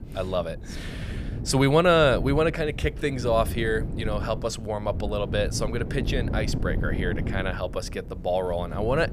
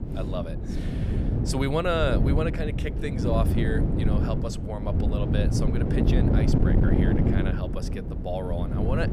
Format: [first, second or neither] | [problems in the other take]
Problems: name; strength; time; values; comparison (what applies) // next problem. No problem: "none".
first | wind noise on the microphone; heavy; 2 dB below the speech; occasional gusts in the first